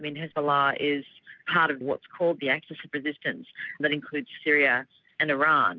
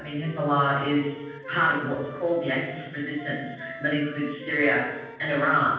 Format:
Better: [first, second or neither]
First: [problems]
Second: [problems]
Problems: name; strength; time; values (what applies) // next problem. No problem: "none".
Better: first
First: none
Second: background sound (Wind instrument, woodwind instrument); 16 dB below the speech // room echo; dies away in 1.2 s